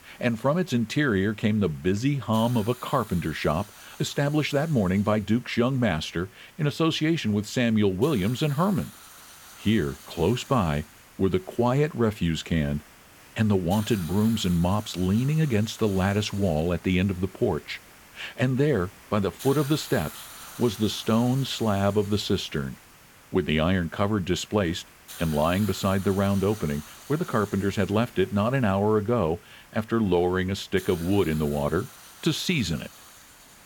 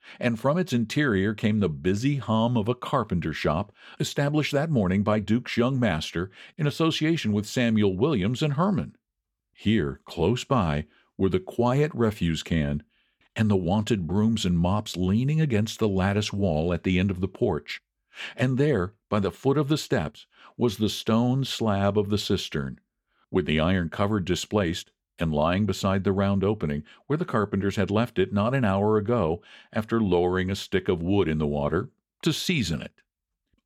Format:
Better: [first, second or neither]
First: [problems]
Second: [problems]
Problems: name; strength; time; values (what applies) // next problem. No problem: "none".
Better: second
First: hiss; noticeable; throughout; 20 dB below the speech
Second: none